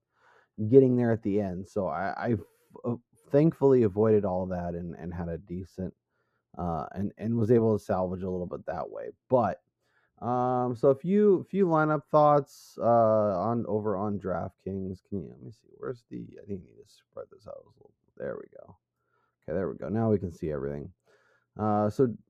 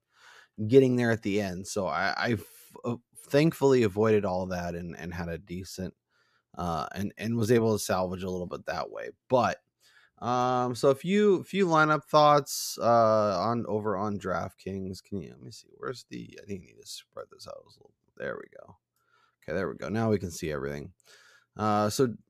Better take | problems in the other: second | muffled; very; fading above 1.5 kHz

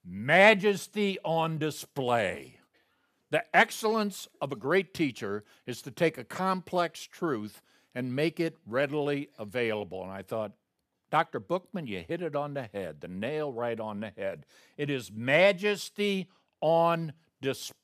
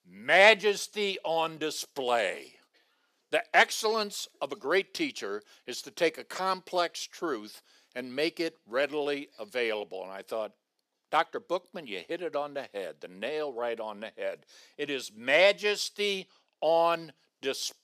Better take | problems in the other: first | thin; somewhat; fading below 400 Hz

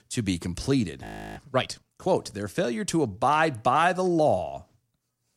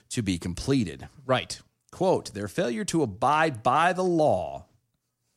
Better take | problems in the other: second | audio freezing; at 1 s

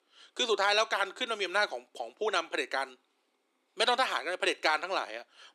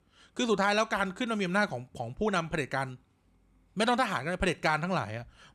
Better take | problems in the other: second | thin; very; fading below 300 Hz

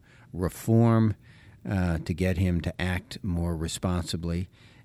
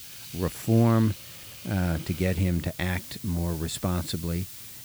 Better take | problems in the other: first | hiss; noticeable; throughout; 15 dB below the speech

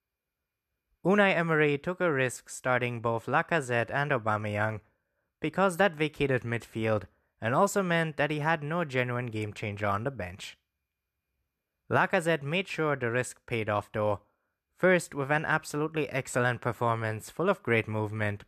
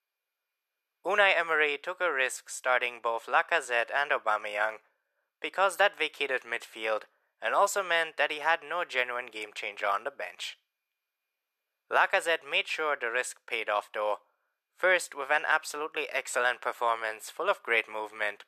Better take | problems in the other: first | thin; very; fading below 550 Hz

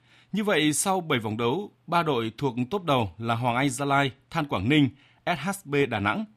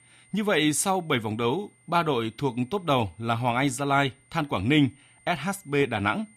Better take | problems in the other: first | high-pitched whine; faint; throughout; 2 kHz, 30 dB below the speech

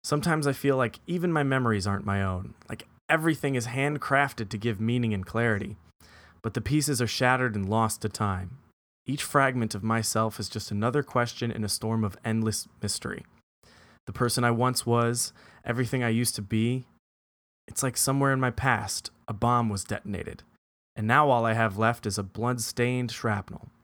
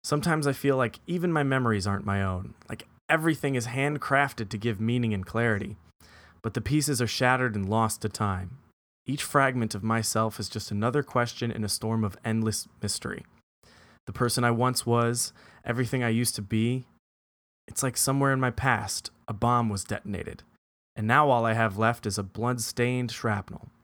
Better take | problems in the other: neither | none

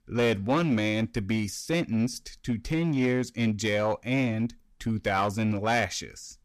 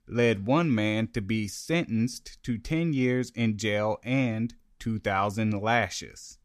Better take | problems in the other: second | distortion; slight; 7% of the sound clipped

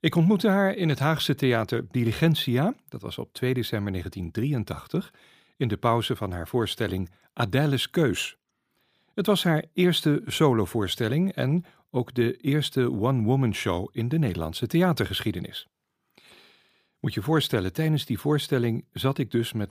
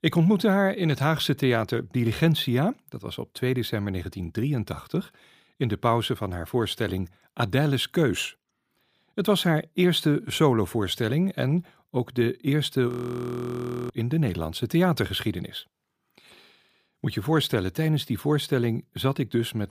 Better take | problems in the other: first | audio freezing; at 13 s for 1 s

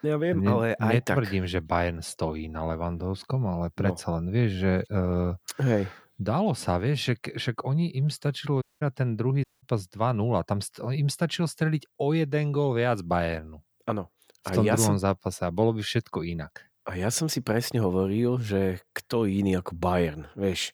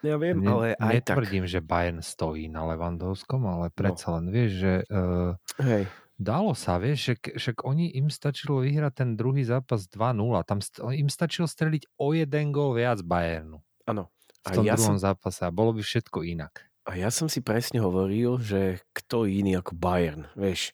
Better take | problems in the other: second | audio cutting out; at 8.5 s and at 9.5 s

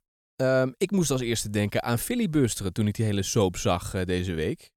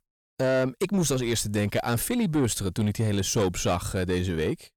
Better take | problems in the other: first | distortion; slight; 10 dB below the speech

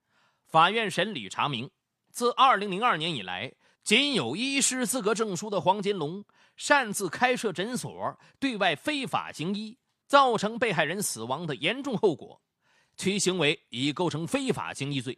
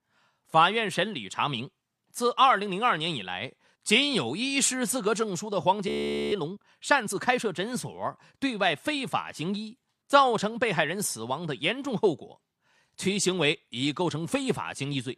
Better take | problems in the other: first | audio freezing; at 6 s

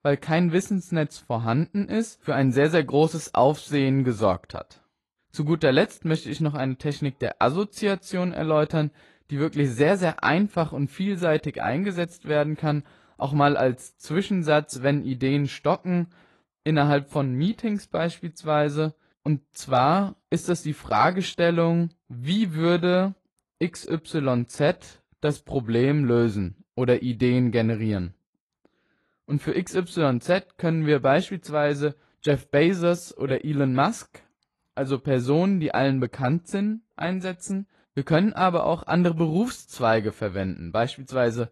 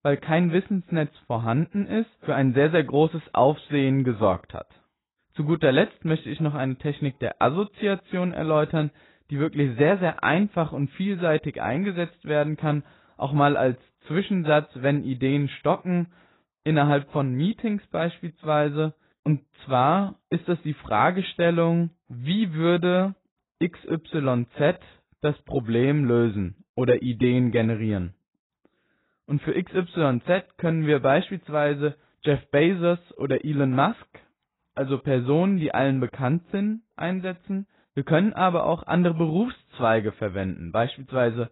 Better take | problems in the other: first | garbled, watery; badly; nothing above 4 kHz; slightly in the first

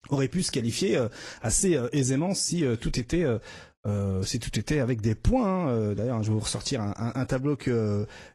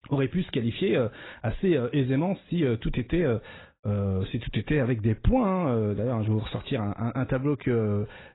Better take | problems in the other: first | garbled, watery; badly; nothing above 4 kHz; slightly in the first

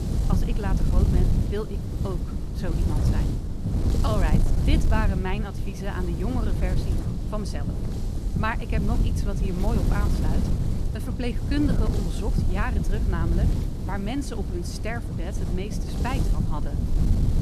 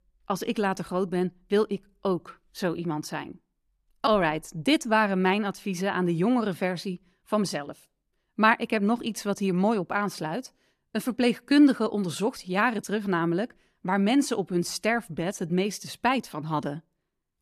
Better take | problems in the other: second | wind noise on the microphone; heavy; 3 dB below the speech

